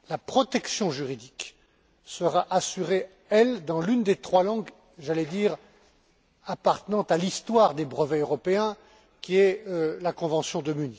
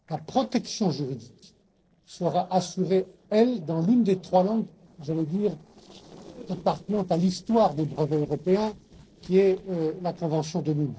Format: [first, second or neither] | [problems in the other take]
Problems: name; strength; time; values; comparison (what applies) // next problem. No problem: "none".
first | noise reduction (neural separator model SepFormer DNS4)